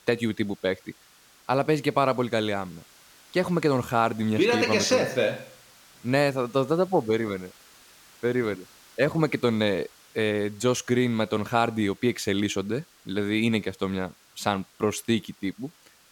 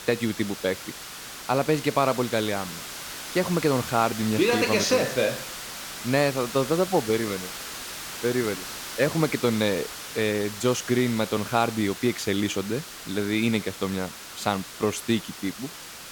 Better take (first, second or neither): first